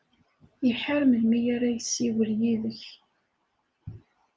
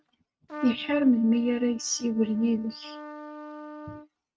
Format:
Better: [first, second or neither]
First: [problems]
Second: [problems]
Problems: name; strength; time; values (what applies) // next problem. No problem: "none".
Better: first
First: none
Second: noise reduction (neural mask model RNNoise)